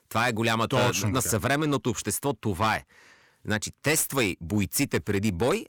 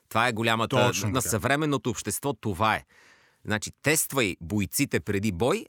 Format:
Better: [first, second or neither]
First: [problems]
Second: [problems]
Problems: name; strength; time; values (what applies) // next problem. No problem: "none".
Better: second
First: distortion; slight; 7% of the sound clipped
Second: none